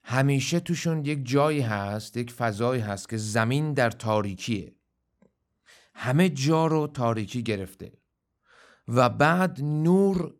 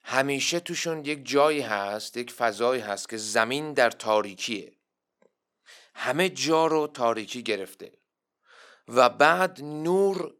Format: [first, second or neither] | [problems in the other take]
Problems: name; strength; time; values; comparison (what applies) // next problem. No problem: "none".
first | thin; somewhat; fading below 400 Hz